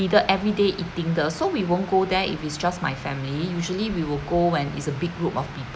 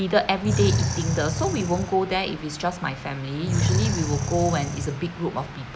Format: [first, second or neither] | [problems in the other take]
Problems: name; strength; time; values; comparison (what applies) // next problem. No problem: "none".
first | background sound (Animal); as loud as the speech